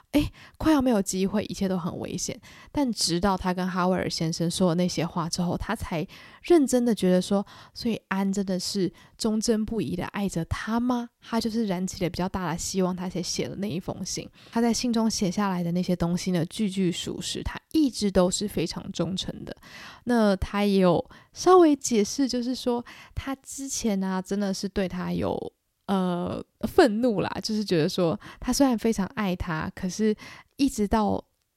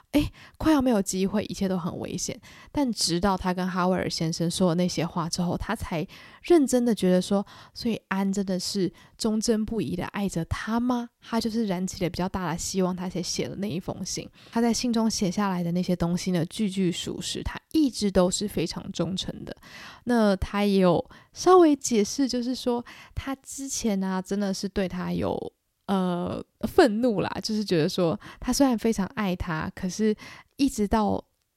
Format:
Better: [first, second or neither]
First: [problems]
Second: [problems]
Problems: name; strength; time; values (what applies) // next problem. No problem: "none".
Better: neither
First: none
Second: none